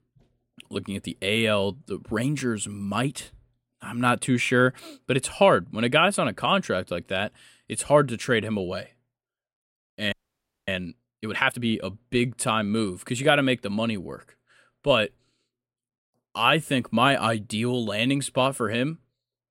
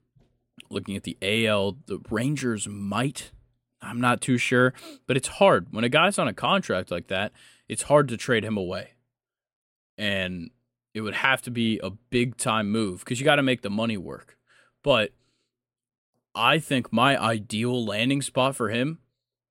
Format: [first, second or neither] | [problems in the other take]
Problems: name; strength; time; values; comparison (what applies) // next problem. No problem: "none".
second | audio freezing; at 10 s for 0.5 s